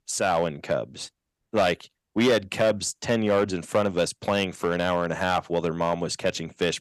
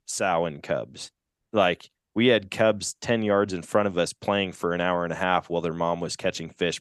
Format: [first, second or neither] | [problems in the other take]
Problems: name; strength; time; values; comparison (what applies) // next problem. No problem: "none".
second | distortion; slight; 4% of the sound clipped